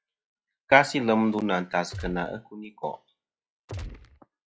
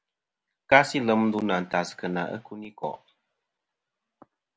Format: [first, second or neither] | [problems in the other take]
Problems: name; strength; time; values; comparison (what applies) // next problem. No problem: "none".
second | noise reduction (classical method log-MMSE)